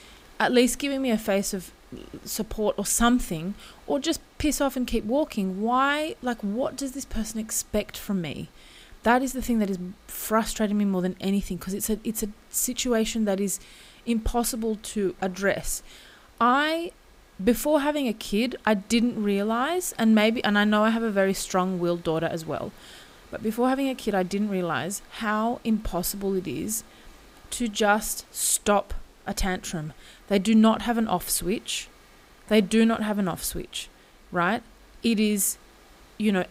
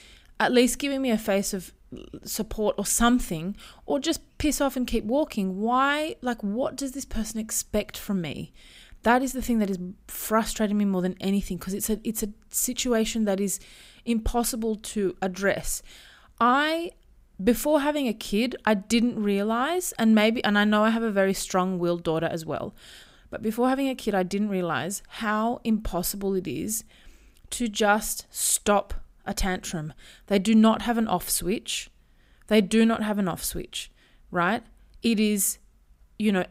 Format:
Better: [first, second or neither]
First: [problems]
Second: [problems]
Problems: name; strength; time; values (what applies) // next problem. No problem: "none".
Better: second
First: hiss; faint; throughout; 30 dB below the speech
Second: none